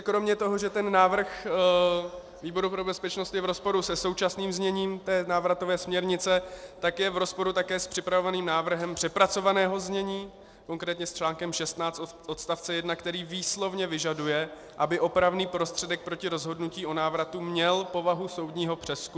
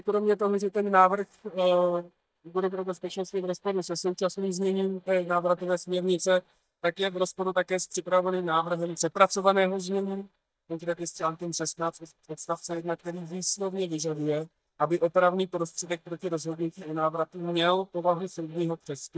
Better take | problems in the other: first | noise reduction (neural mask model DeepFilterNet 3)

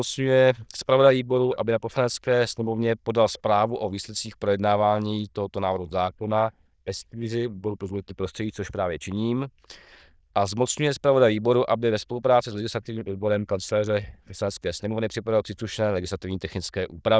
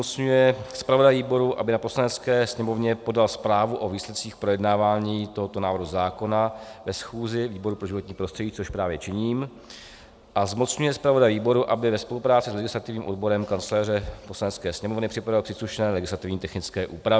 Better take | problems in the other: second | noise reduction (neural diffusion model UNIVERSE++)

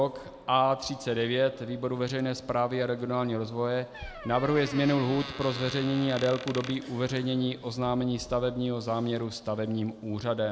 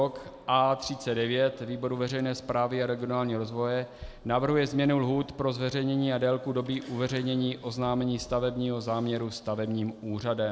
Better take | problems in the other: second | background sound (Squeak); 12 dB below the speech

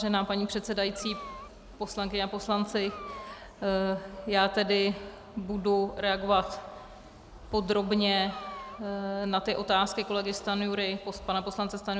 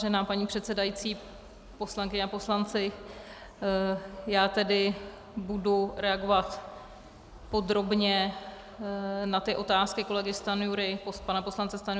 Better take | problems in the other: second | background sound (Meow); 17 dB below the speech

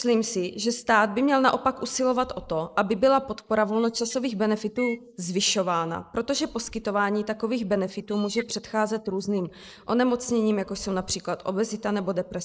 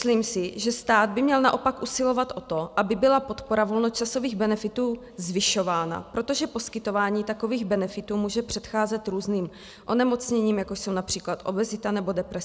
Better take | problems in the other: second | noise reduction (neural mask model Resemble Enhance denoiser)

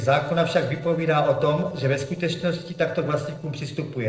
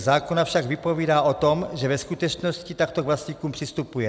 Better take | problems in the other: second | noise reduction (neural separator model SepFormer DNS4)

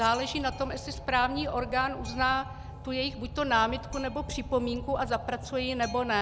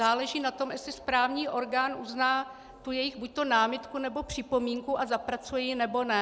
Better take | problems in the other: second | background sound (Wind + Boat, Water vehicle); 11 dB below the speech

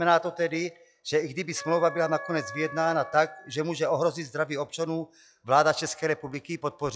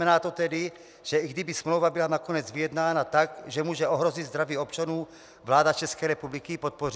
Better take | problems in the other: second | noise reduction (classical method log-MMSE)

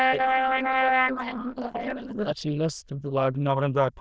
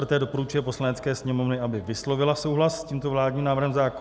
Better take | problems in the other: second | noise reduction (neural diffusion model UNIVERSE++)

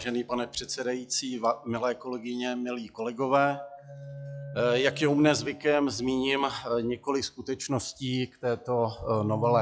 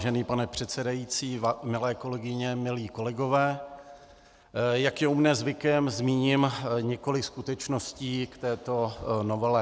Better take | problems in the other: second | noise reduction (classical method log-MMSE)

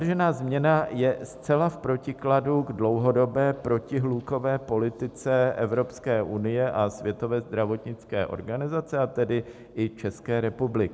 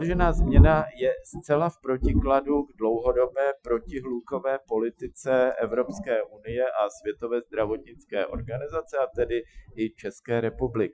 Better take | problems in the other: first | noise reduction (classical method Wiener filter)

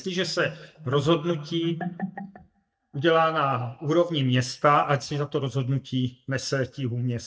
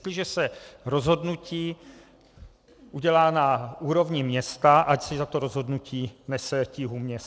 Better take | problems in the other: second | noise reduction (neural mask model DeepFilterNet 3)

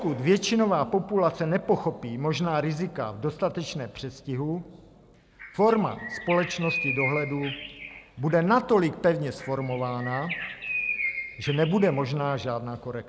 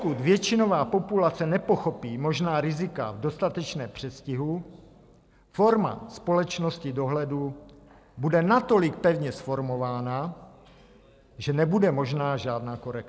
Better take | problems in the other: second | background sound (Bird); 8 dB below the speech

